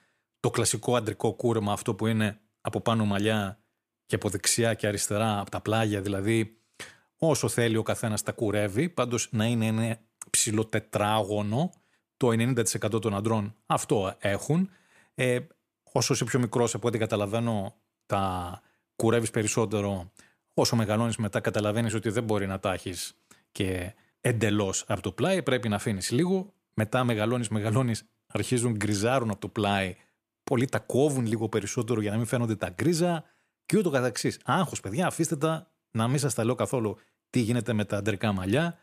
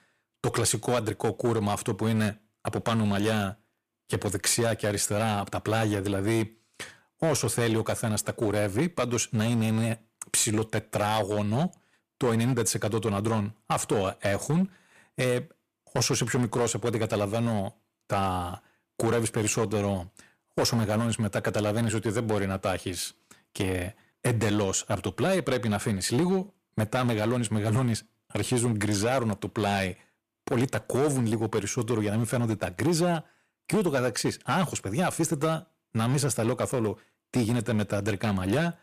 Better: first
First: none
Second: distortion; slight; 8% of the sound clipped

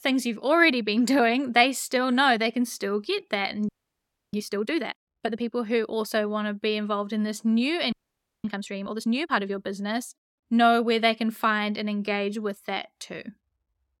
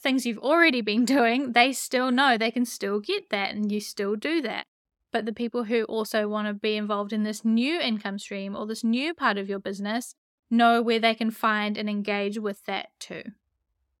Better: second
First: audio freezing; at 3.5 s for 0.5 s and at 8 s for 0.5 s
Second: none

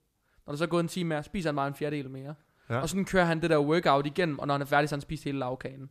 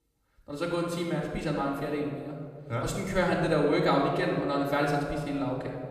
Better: first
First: none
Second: off-mic speech; far // room echo; noticeable; dies away in 1.5 s

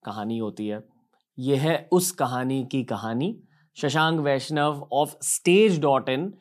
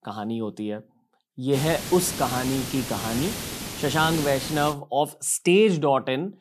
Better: first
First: none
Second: hiss; loud; from 1.5 to 4.5 s; 7 dB below the speech

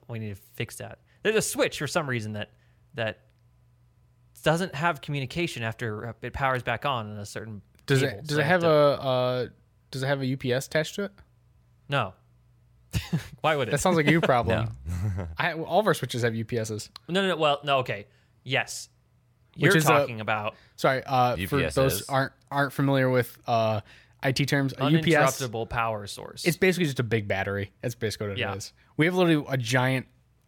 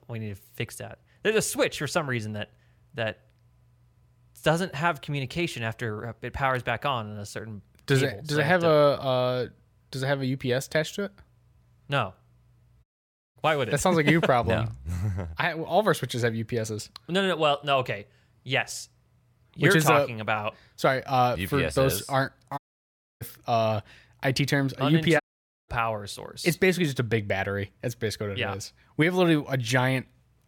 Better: first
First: none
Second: audio cutting out; at 13 s for 0.5 s, at 23 s for 0.5 s and at 25 s

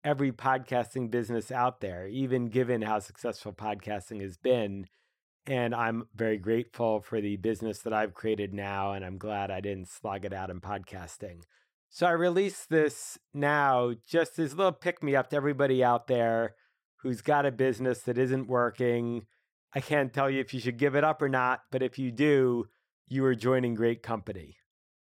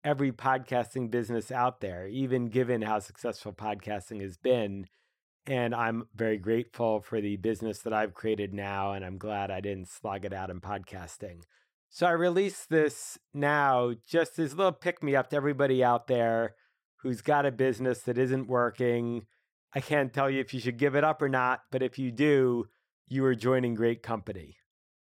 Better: neither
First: none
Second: none

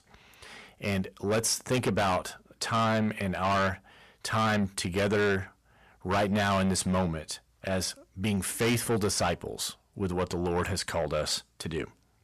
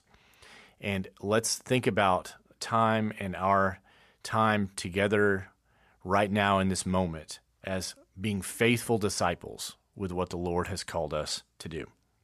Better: second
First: distortion; heavy; 6 dB below the speech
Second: none

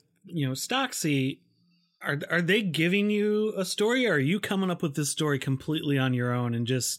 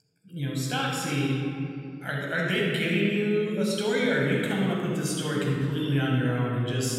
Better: first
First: none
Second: room echo; strong; dies away in 2.5 s // off-mic speech; somewhat distant

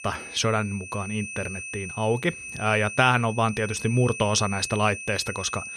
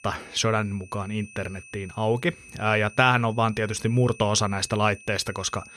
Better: second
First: high-pitched whine; loud; throughout; 2.5 kHz, 10 dB below the speech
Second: high-pitched whine; faint; throughout; 2.5 kHz, 20 dB below the speech

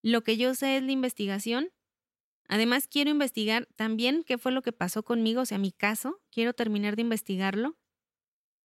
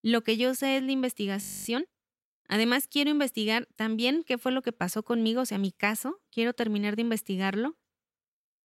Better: first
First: none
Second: audio freezing; at 1.5 s

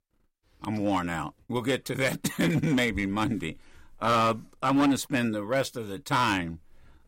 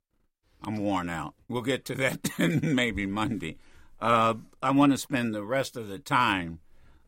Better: second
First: distortion; slight; 5% of the sound clipped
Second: none

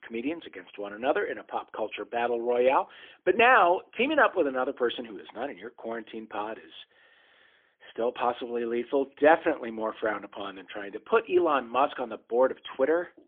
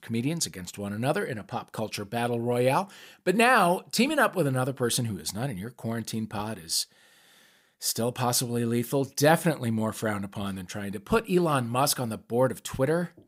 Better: second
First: phone-call audio; poor line; nothing above 3.5 kHz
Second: none

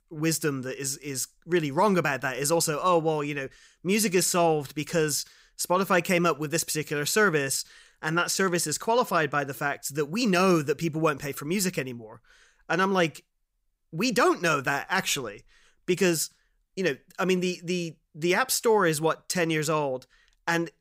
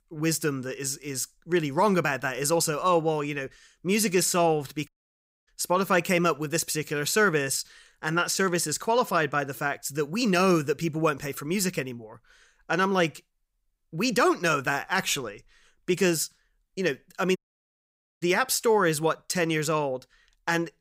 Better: first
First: none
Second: audio cutting out; at 5 s for 0.5 s and at 17 s for 1 s

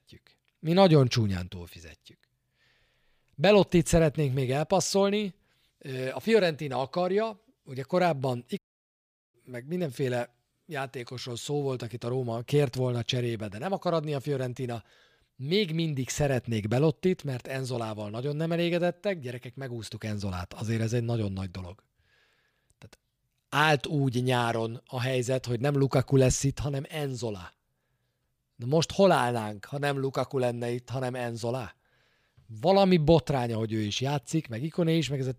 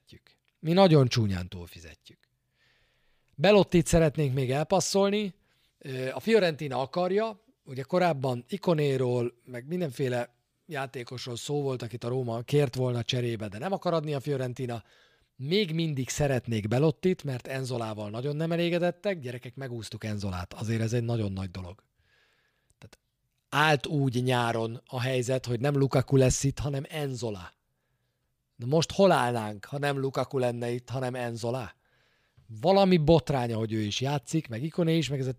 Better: second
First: audio cutting out; at 8.5 s for 1 s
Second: none

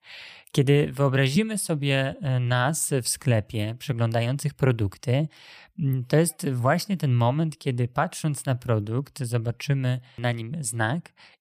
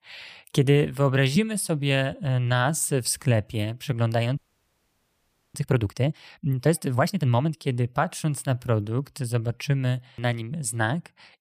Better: first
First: none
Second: audio freezing; at 4.5 s for 1 s

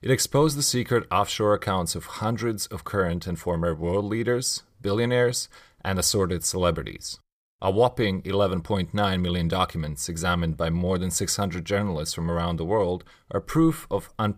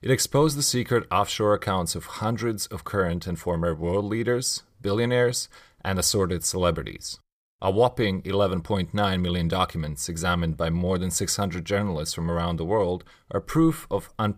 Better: neither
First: none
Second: none

